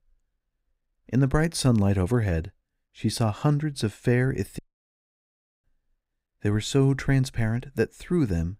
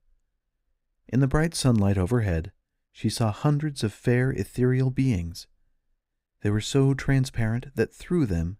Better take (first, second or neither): second